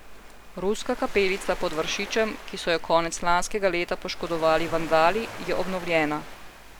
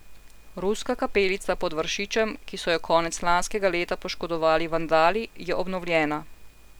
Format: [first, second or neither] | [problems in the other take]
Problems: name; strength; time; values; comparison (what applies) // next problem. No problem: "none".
second | background sound (Waves, surf); 16 dB below the speech